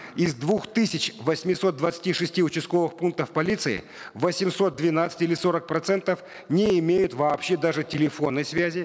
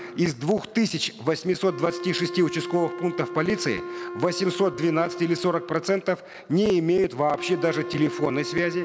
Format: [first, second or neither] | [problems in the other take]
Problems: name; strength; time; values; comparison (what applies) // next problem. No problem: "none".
first | background sound (Wind instrument, woodwind instrument); 11 dB below the speech